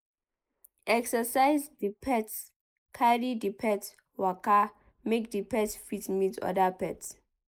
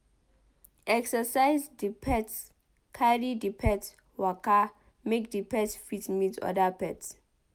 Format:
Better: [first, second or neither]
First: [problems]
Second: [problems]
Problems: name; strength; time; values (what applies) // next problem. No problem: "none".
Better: second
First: noise reduction (neural mask model Resemble Enhance denoiser)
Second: none